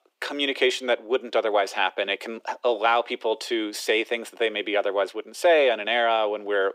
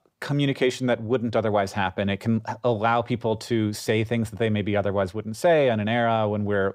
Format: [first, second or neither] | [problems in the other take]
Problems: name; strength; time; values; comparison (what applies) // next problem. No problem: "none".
second | thin; very; fading below 300 Hz